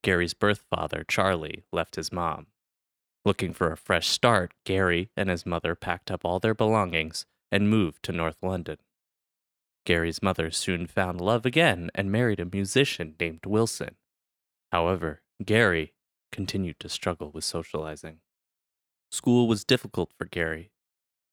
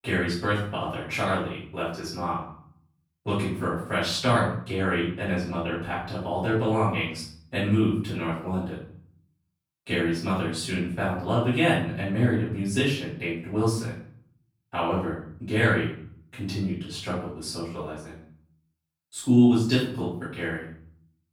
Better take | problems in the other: first | off-mic speech; far // room echo; noticeable; dies away in 0.6 s

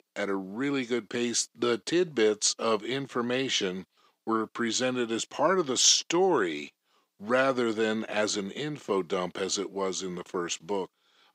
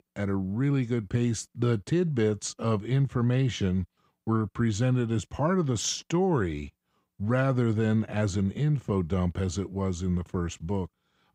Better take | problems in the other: second | thin; somewhat; fading below 300 Hz

